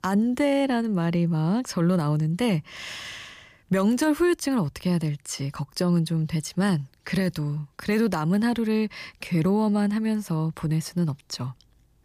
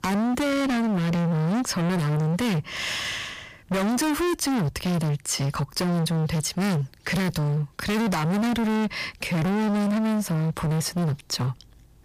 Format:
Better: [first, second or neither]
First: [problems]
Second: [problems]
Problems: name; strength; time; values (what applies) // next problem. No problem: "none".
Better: first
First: none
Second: distortion; heavy; 44% of the sound clipped